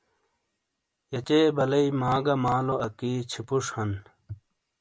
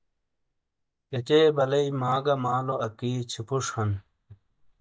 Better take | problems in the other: first | noise reduction (neural mask model DeepFilterNet 3)

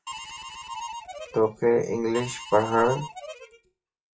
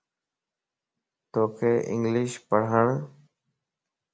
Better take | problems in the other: second | noise reduction (classical method WPE with log-MMSE)

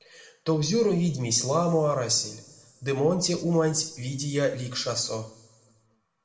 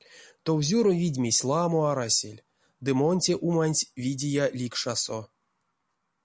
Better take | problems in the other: second | room echo; dies away in 1 s

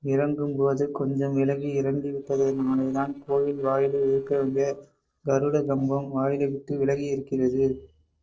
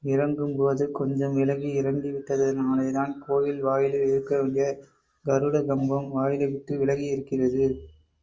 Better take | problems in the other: second | noise reduction (neural separator model SepFormer DNS4)

